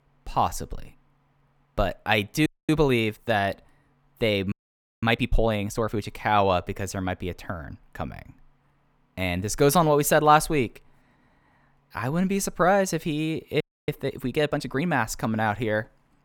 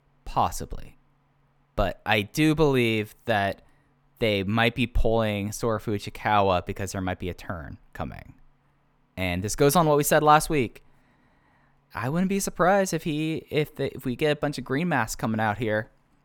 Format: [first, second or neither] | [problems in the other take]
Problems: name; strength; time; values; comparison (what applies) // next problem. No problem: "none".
second | audio freezing; at 2.5 s, at 4.5 s for 0.5 s and at 14 s